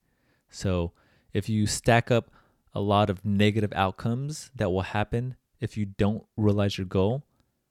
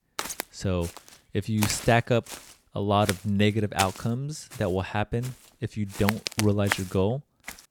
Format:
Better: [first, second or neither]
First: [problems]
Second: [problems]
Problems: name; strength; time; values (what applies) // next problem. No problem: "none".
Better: first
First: none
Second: footsteps; noticeable; peak 2 dB below the speech